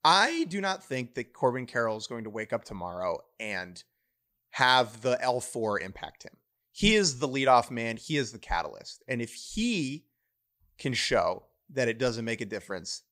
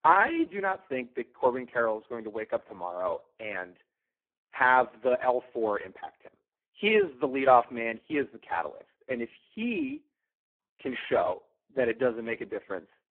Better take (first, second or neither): first